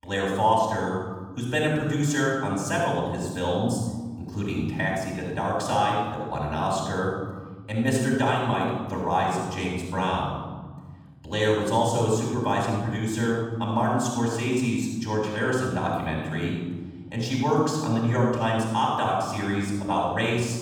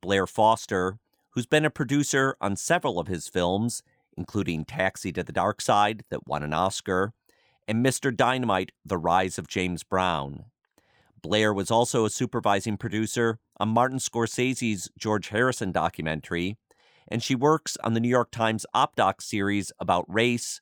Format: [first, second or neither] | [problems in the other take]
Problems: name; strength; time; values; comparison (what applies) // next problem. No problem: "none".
second | off-mic speech; far // room echo; noticeable; dies away in 1.5 s